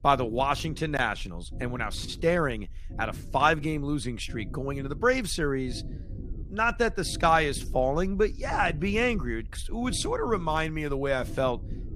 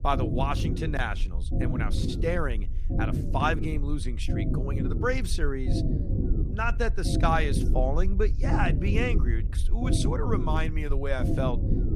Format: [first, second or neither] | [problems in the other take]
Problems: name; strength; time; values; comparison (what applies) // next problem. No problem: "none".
first | low rumble; loud; throughout; 8 dB below the speech; faint in the first